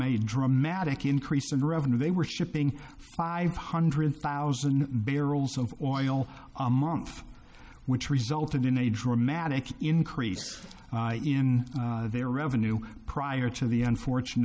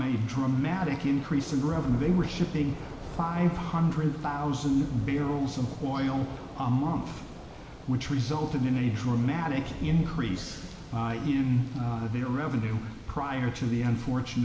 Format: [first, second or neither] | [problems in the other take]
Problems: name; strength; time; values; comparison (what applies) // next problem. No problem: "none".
first | background sound (Thunder / Rain); 14 dB below the speech // room echo; dies away in 2 s